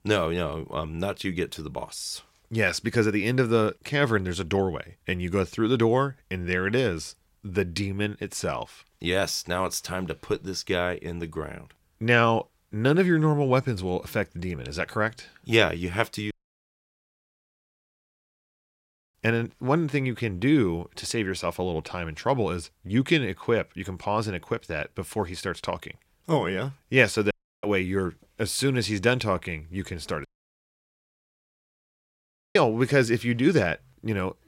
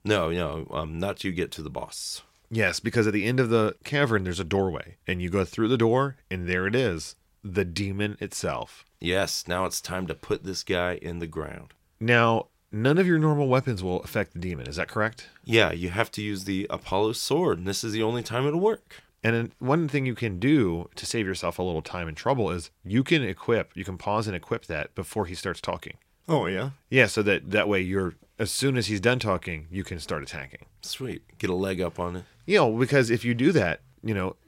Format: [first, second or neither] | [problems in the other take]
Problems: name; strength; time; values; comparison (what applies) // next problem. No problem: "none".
second | audio cutting out; at 16 s for 3 s, at 27 s and at 30 s for 2.5 s